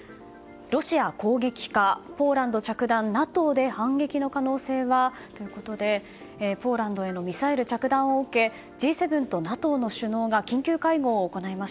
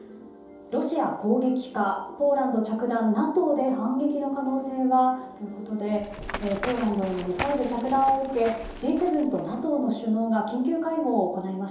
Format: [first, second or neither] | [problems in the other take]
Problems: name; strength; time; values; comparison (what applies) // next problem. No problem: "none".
first | background sound (Run); 12 dB below the speech // room echo; dies away in 2.8 s